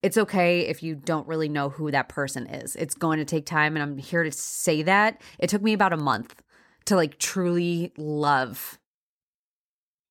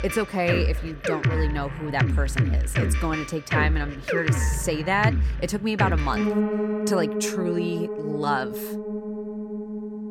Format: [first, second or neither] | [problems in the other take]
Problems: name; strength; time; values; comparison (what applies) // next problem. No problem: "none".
first | background music; very loud; throughout; 1 dB above the speech